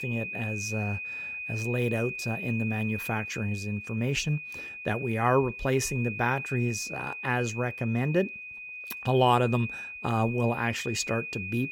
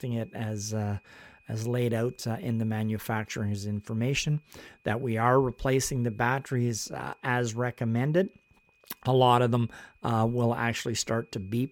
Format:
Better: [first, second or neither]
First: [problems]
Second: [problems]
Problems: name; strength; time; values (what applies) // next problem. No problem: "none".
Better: second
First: high-pitched whine; loud; throughout; 2.5 kHz, 7 dB below the speech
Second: high-pitched whine; faint; throughout; 2.5 kHz, 35 dB below the speech